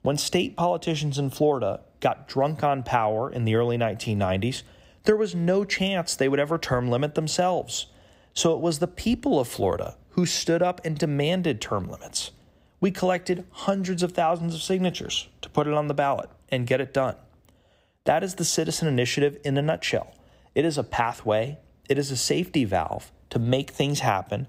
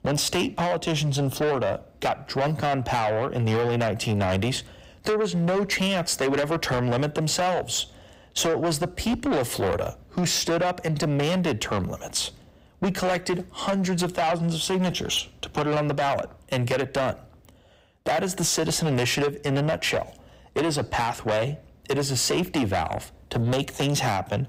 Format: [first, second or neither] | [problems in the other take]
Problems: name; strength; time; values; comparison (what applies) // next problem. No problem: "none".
first | distortion; heavy; 7 dB below the speech